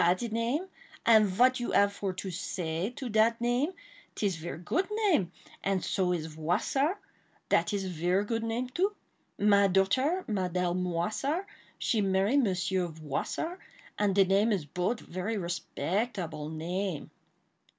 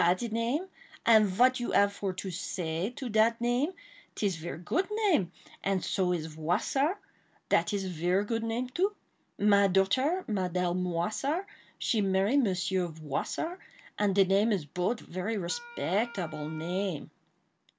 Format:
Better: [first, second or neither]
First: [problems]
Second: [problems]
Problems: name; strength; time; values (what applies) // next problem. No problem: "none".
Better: first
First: none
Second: background sound (Wind instrument, woodwind instrument); 18 dB below the speech